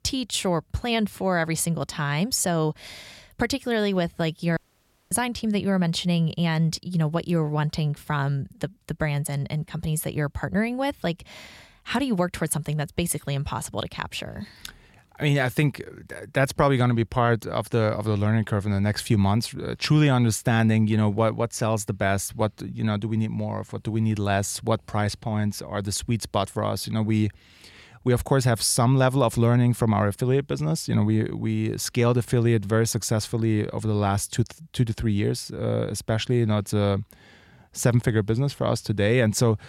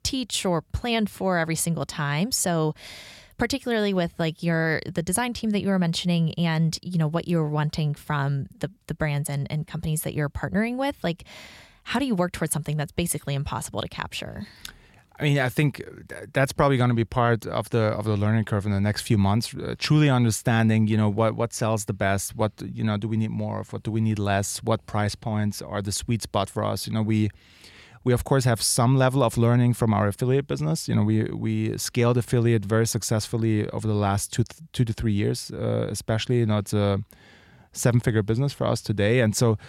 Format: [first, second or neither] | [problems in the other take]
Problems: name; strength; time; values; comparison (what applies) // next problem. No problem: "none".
second | audio cutting out; at 4.5 s for 0.5 s